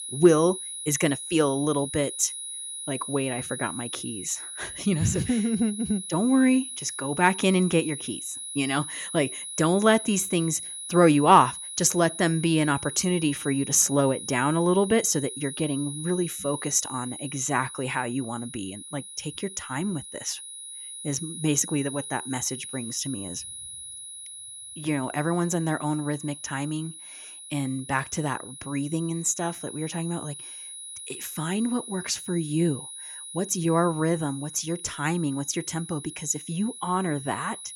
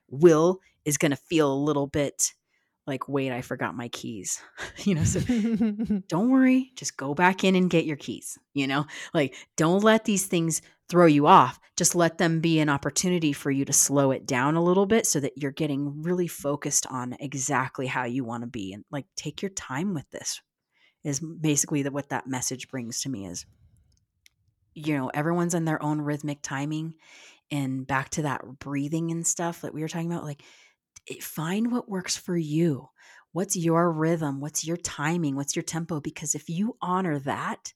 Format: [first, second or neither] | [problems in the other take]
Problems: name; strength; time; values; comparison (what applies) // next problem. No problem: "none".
second | high-pitched whine; loud; throughout; 10.5 kHz, 10 dB below the speech